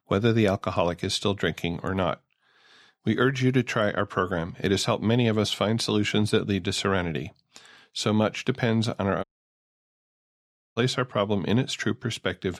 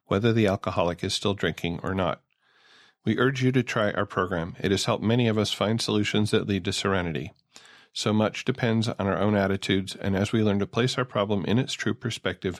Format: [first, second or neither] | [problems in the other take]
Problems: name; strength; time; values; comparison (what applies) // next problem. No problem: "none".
second | audio cutting out; at 9 s for 1.5 s